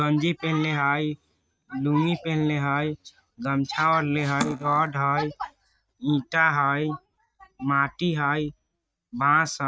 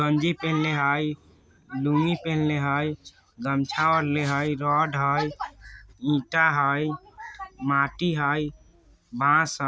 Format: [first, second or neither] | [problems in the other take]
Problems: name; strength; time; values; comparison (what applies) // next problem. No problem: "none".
second | noise reduction (neural mask model RNNoise)